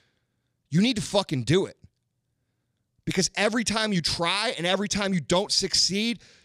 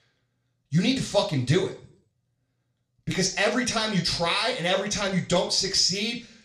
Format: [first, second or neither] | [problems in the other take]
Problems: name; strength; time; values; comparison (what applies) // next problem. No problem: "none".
first | room echo; slight; dies away in 0.4 s // off-mic speech; somewhat distant